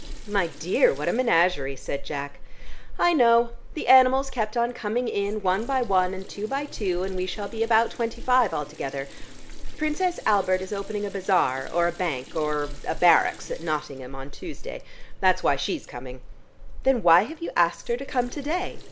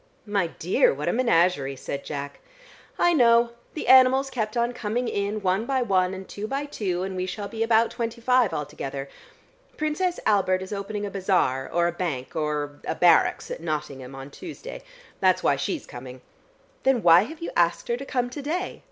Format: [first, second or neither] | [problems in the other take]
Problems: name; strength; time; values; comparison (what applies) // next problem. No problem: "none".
second | background sound (Sink (filling or washing) / Water tap, faucet); 8 dB below the speech